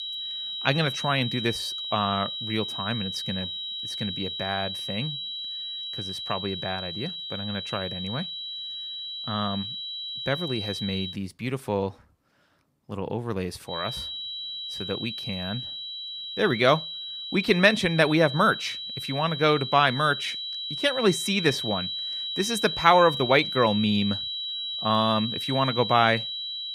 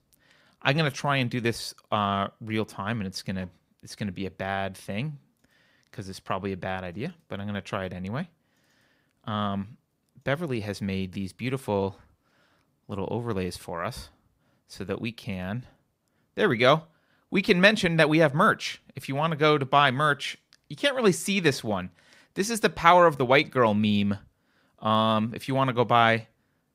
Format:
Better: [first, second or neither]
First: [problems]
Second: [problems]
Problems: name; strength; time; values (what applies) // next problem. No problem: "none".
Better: second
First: high-pitched whine; loud; until 11 s and from 14 s on; 4 kHz, 5 dB below the speech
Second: none